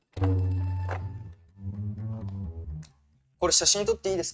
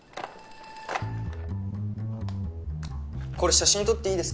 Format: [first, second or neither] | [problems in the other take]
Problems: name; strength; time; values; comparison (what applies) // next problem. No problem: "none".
second | noise reduction (neural mask model RNNoise)